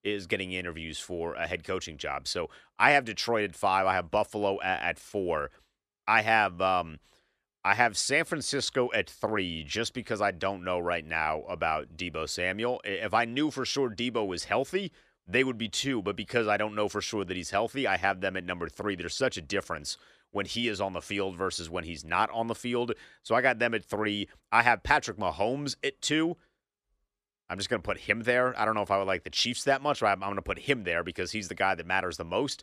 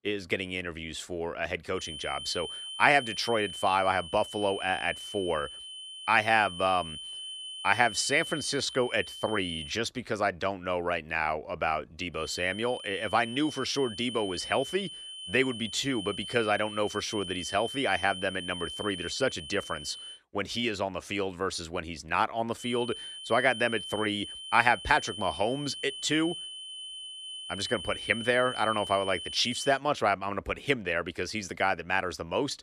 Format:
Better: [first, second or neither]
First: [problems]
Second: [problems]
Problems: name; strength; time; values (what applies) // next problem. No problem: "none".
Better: first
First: none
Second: high-pitched whine; loud; from 2 to 9.5 s, from 12 to 20 s and from 23 to 30 s; 3 kHz, 9 dB below the speech